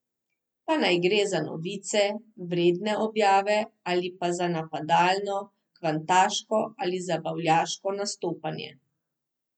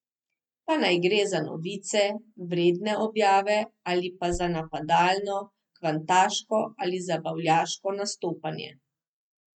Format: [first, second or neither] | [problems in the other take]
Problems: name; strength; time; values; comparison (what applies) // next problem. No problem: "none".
first | noise reduction (neural mask model RNNoise)